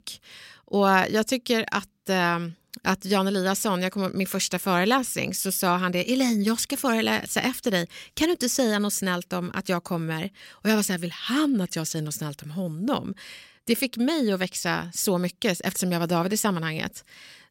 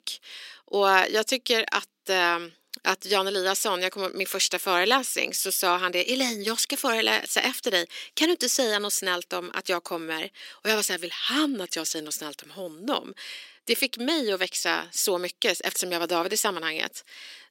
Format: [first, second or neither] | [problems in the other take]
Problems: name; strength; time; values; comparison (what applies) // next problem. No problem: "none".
first | thin; somewhat; fading below 300 Hz